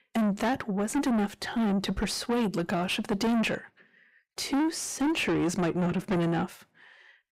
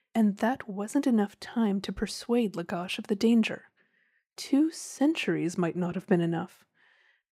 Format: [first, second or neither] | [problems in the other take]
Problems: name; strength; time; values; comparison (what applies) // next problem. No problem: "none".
second | distortion; heavy; 5 dB below the speech